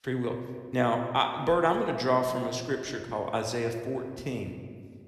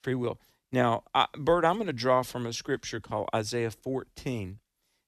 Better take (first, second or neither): second